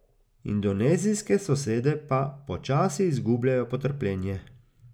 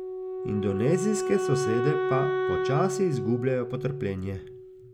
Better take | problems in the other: first | background sound (Wind instrument, woodwind instrument); 1 dB below the speech

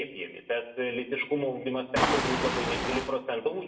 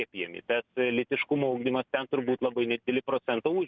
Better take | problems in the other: second | background sound (Waves, surf); 3 dB above the speech // room echo; dies away in 0.7 s

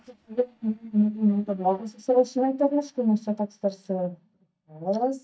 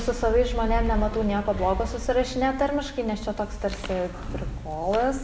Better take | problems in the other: second | noise reduction (neural mask model DeepFilterNet 3)

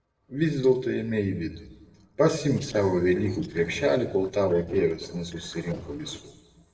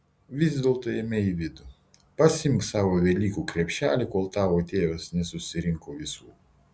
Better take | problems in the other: second | noise reduction (neural separator model SepFormer DNS4)

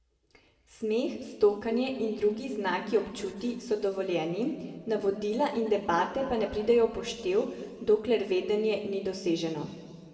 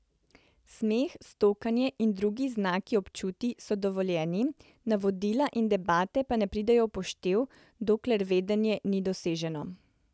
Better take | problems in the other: second | room echo; dies away in 1.9 s

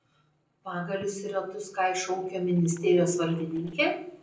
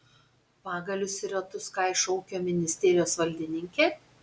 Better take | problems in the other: second | noise reduction (neural separator model SepFormer DNS4)

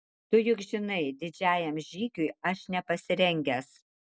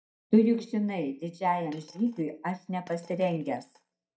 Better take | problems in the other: first | noise reduction (neural mask model DeepFilterNet 3)

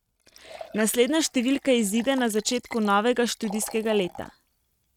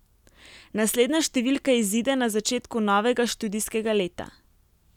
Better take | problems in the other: second | noise reduction (neural mask model RNNoise)

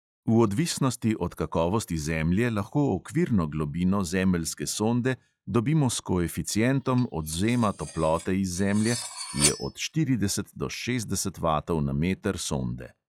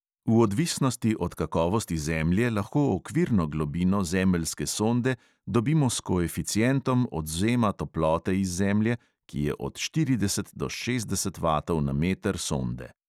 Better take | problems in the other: second | noise reduction (classical method log-MMSE)

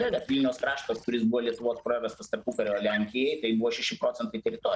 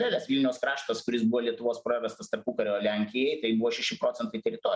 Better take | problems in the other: second | noise reduction (neural separator model SepFormer DNS4)

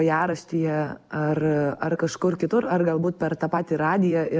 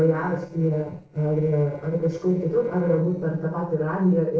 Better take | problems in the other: first | noise reduction (neural separator model SepFormer DNS4)

